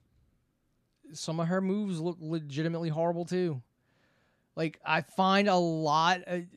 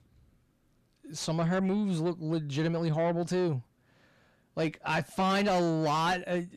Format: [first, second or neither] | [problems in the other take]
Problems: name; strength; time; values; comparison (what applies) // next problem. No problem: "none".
first | distortion; heavy; 7 dB below the speech